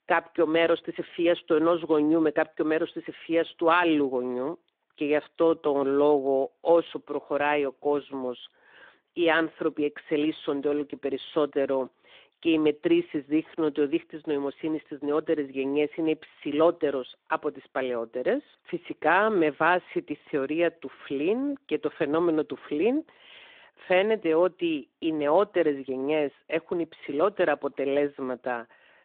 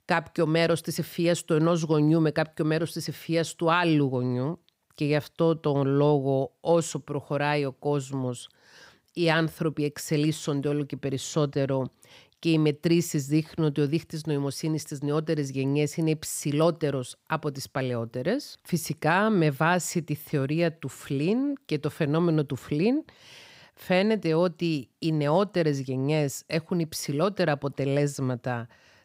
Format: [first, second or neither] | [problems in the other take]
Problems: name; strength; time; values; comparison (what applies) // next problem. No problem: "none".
second | phone-call audio